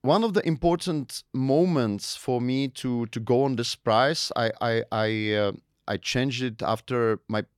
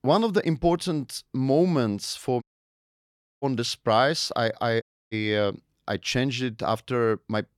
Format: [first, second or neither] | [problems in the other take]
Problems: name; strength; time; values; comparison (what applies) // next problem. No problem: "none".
first | audio cutting out; at 2.5 s for 1 s and at 5 s